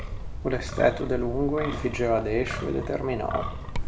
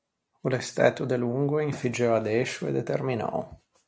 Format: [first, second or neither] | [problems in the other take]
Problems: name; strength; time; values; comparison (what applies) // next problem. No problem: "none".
second | background sound (Wind); 5 dB below the speech // room echo; dies away in 0.5 s